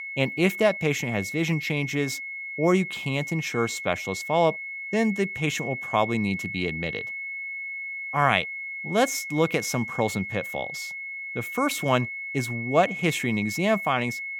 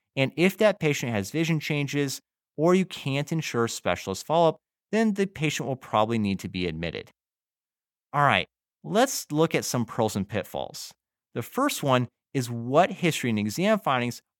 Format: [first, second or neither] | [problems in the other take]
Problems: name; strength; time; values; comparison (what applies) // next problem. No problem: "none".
second | high-pitched whine; loud; throughout; 2 kHz, 6 dB below the speech